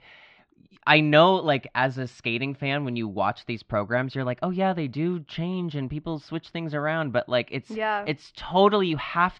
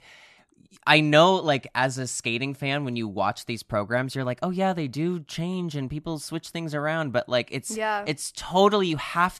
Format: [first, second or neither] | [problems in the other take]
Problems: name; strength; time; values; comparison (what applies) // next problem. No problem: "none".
second | muffled; slightly; fading above 3.5 kHz